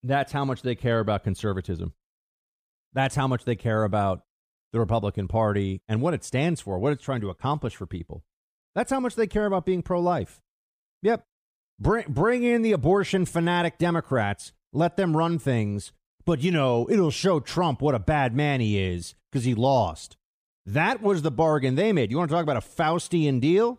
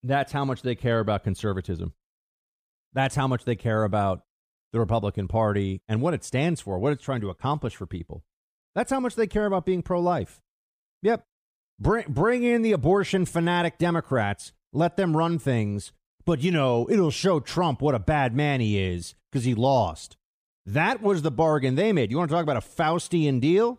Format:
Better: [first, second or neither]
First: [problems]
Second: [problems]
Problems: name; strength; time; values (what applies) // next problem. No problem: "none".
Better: neither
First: none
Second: none